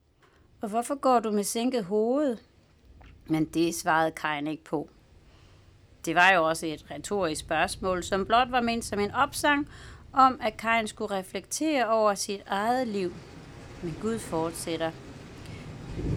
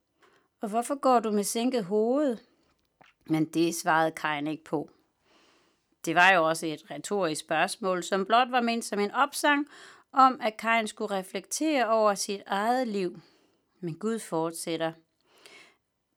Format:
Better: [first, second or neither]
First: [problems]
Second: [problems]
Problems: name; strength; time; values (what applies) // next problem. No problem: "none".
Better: second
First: rain or running water; faint; throughout; 20 dB below the speech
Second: none